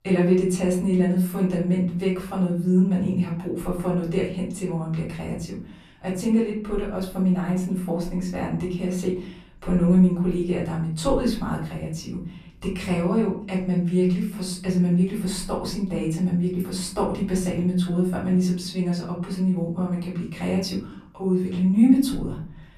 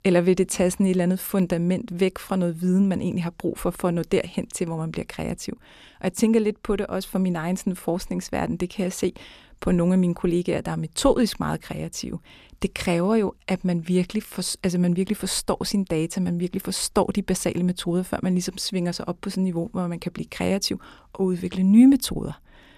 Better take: second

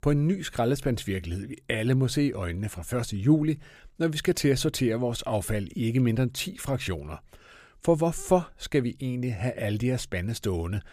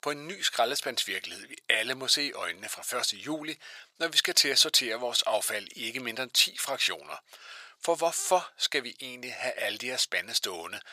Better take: first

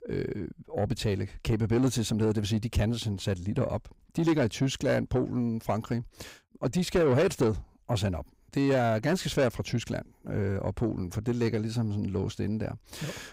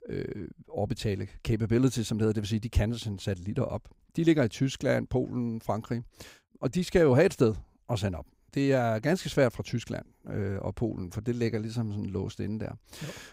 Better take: second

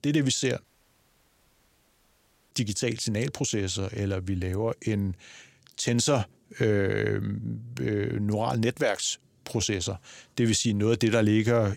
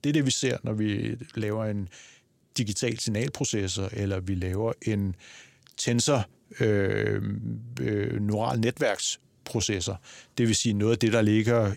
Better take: second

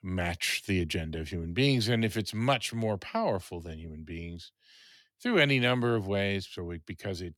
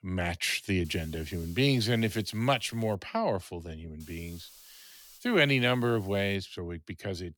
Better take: first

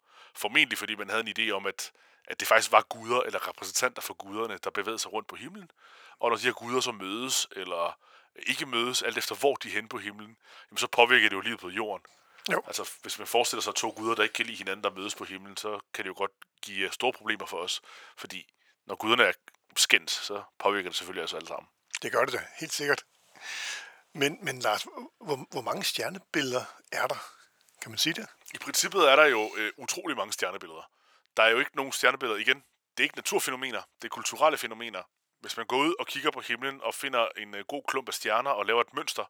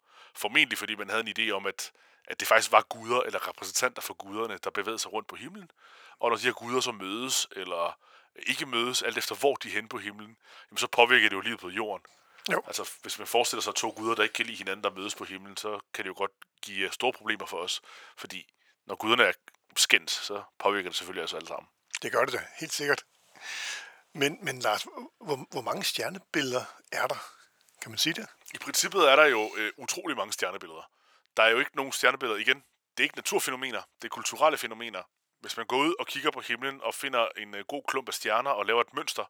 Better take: neither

